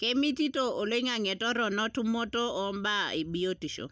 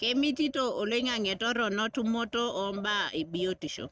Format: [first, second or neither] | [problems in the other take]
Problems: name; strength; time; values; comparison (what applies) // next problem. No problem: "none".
first | noise reduction (neural mask model RNNoise)